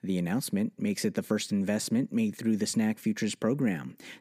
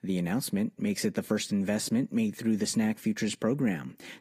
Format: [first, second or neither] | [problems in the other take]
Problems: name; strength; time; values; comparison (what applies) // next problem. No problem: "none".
first | garbled, watery; slightly; nothing above 15 kHz